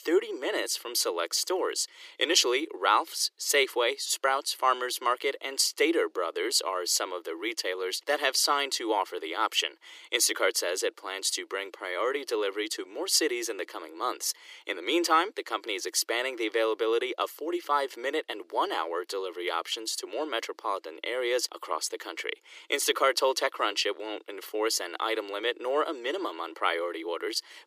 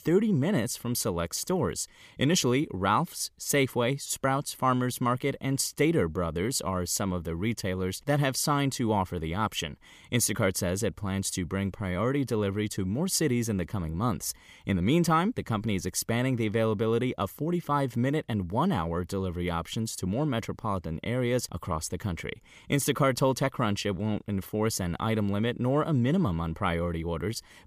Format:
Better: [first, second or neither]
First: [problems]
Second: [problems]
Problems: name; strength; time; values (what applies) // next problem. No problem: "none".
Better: second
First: thin; very; fading below 350 Hz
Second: none